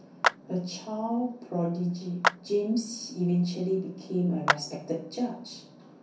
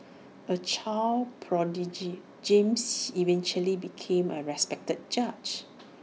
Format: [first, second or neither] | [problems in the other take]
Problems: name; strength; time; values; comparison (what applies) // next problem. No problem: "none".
second | background sound (Clapping); 3 dB below the speech // room echo; dies away in 0.6 s